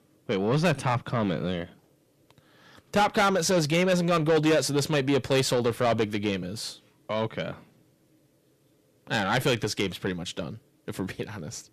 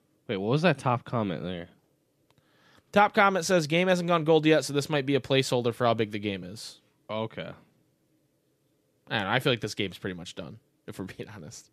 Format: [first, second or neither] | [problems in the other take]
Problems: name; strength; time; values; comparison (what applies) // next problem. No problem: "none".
second | distortion; heavy; 7 dB below the speech